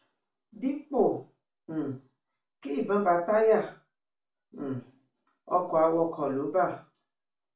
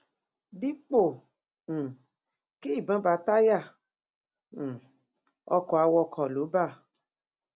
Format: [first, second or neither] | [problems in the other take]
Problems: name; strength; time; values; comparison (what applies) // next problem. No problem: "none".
second | room echo; dies away in 0.3 s